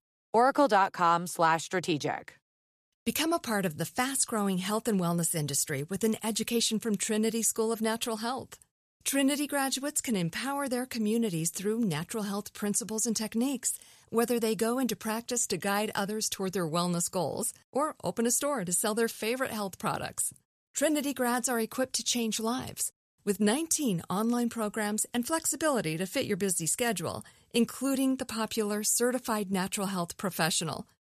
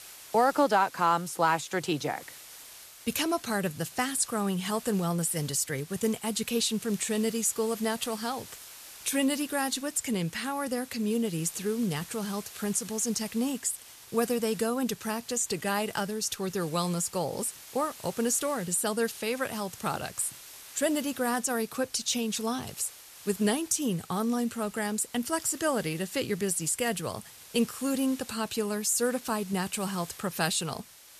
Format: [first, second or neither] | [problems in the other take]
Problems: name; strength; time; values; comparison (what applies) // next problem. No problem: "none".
first | hiss; noticeable; throughout; 15 dB below the speech